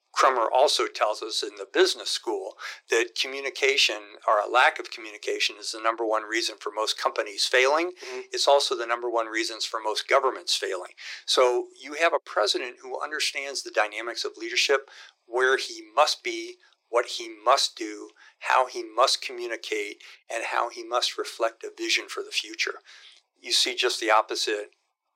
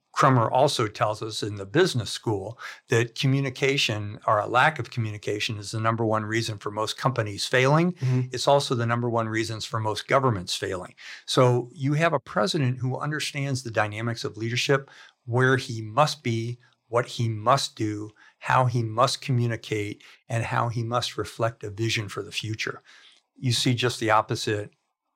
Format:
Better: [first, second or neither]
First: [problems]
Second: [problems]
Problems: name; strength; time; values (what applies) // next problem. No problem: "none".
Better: second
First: thin; very; fading below 350 Hz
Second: none